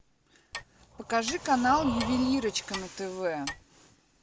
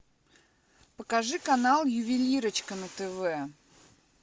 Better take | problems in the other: second | background sound (Breathing + Clock); 10 dB below the speech

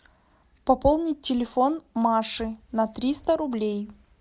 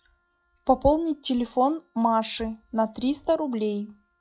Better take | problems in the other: first | noise reduction (classical method log-MMSE)

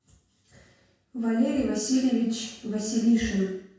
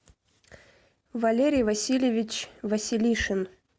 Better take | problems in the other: second | room echo; dies away in 0.6 s

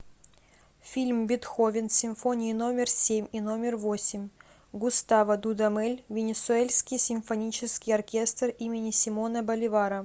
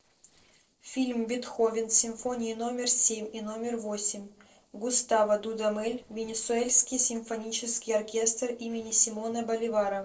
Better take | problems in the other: first | noise reduction (neural separator model SepFormer DNS4)

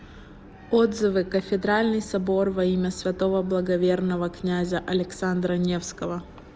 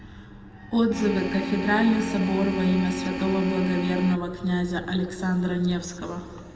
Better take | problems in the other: first | background sound (Organ); 5 dB below the speech // room echo; dies away in 1.8 s

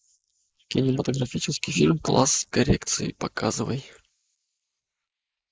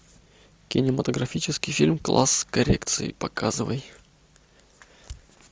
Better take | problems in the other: second | noise reduction (neural mask model Resemble Enhance denoiser)

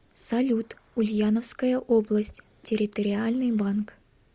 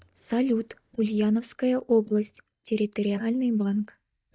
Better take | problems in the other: first | noise reduction (neural mask model DeepFilterNet 3)

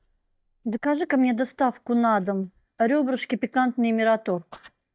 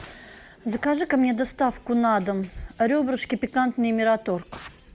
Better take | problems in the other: second | noise reduction (neural mask model DeepFilterNet 3)

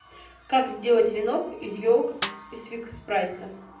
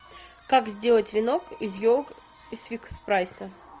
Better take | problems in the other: second | background sound (Snare drum); 12 dB below the speech // room echo; dies away in 0.6 s

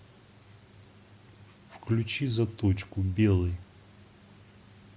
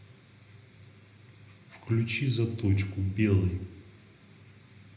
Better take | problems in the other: first | room echo; dies away in 0.7 s

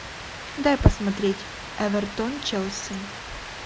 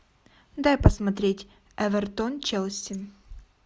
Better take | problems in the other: second | background sound (Rain); 11 dB below the speech

